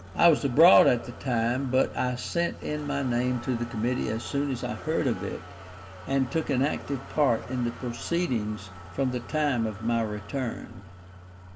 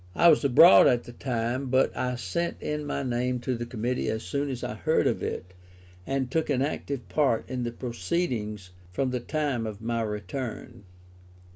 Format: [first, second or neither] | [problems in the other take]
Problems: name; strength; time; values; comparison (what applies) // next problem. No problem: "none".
second | background sound (Motor vehicle (road)); 18 dB below the speech // room echo; dies away in 0.6 s